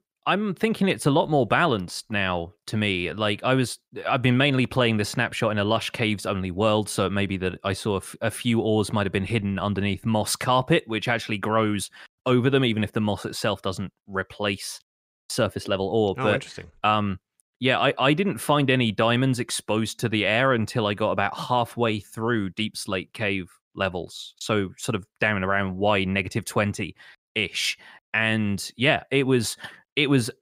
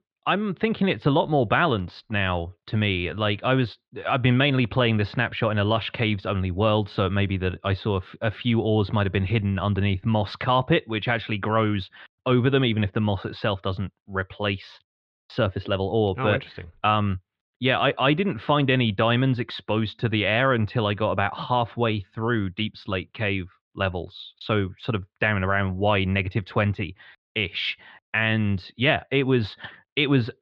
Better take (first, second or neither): first